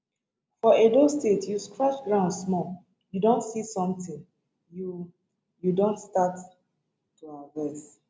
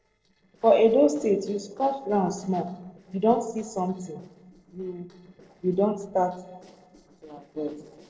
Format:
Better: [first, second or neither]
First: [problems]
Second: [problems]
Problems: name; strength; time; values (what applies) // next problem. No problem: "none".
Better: first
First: none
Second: noise reduction (neural separator model SepFormer DNS4)